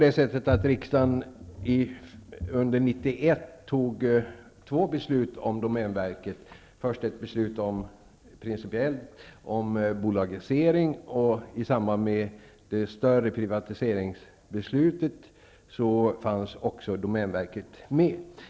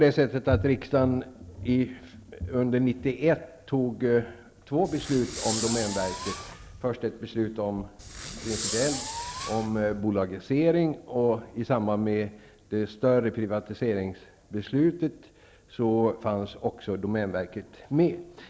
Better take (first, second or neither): first